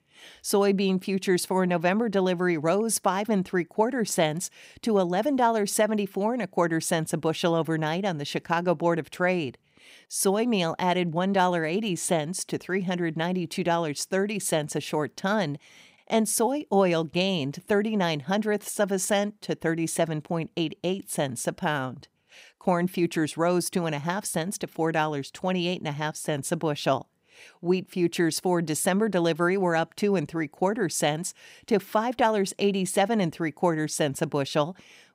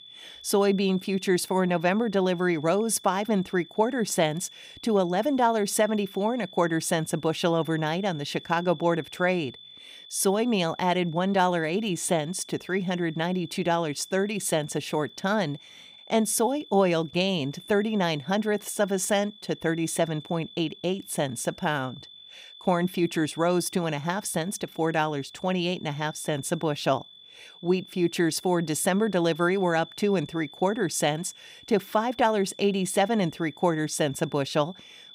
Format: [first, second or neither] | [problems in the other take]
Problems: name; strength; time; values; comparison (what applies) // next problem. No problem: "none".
first | high-pitched whine; noticeable; throughout; 3.5 kHz, 20 dB below the speech